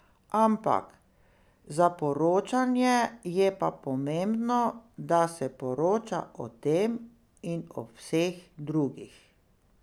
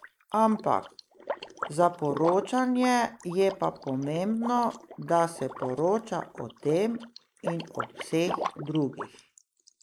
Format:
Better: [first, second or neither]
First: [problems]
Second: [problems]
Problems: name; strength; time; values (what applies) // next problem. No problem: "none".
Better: first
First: none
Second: noise reduction (neural mask model Resemble Enhance denoiser)